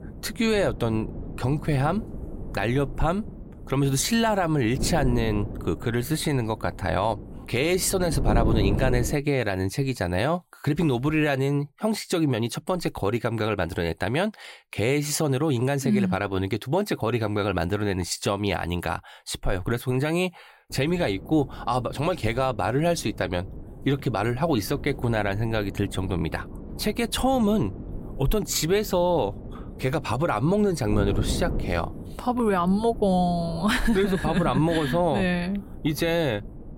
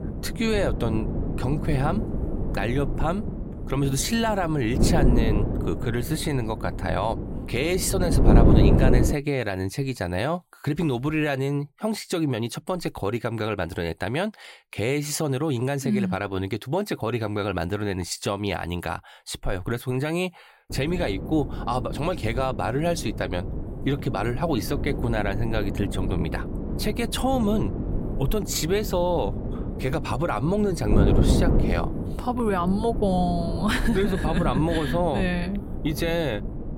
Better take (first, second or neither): first